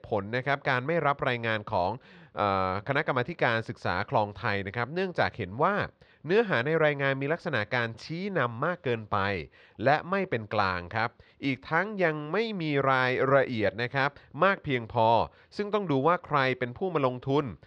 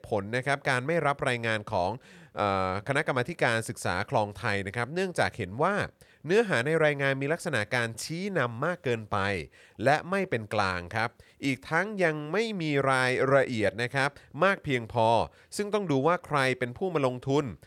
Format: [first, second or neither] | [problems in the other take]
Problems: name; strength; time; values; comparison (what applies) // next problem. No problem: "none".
second | muffled; very slightly; fading above 4 kHz